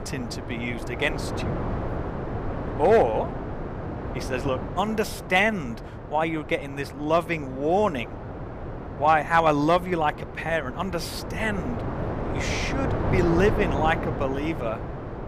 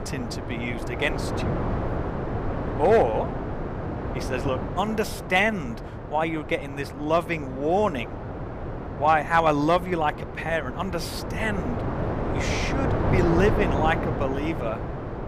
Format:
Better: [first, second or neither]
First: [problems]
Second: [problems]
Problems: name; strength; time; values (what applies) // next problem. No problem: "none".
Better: first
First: wind noise on the microphone; occasional gusts; 10 dB below the speech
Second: wind noise on the microphone; heavy; 8 dB below the speech